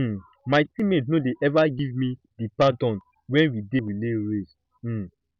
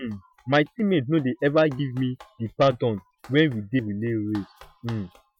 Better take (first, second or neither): first